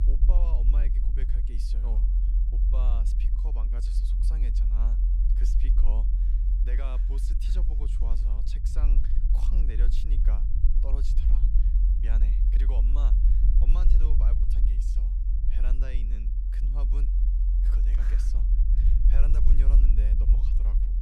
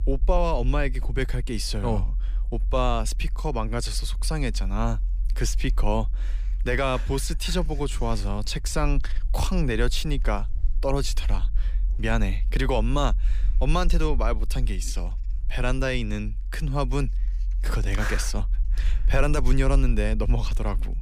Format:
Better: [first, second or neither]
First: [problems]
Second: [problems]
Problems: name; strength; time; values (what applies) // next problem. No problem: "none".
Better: second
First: low rumble; loud; throughout; 1 dB below the speech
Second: low rumble; faint; throughout; 25 dB below the speech